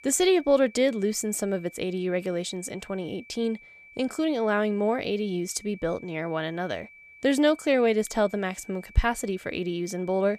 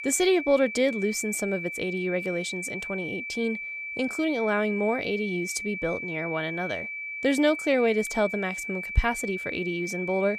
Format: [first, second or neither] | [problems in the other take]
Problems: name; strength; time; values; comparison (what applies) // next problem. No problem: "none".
first | high-pitched whine; loud; throughout; 2.5 kHz, 5 dB below the speech; faint in the first